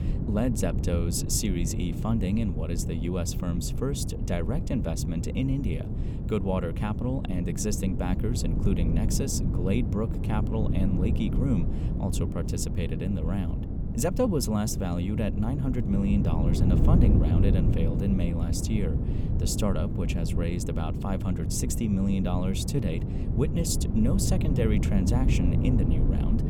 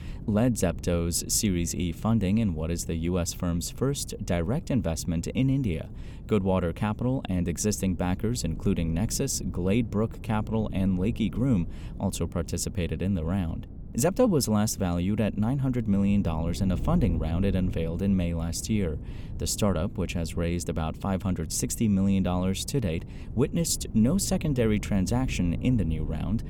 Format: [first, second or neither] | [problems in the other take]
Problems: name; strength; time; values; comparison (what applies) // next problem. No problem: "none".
second | wind noise on the microphone; heavy; 5 dB below the speech; occasional gusts in the second